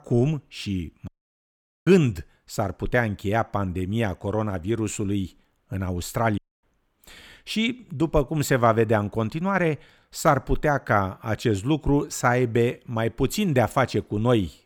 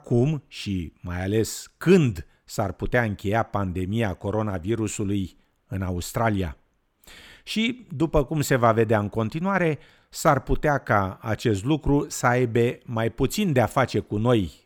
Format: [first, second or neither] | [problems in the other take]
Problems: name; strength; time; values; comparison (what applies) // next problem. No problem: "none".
second | audio cutting out; at 1 s for 1 s and at 6.5 s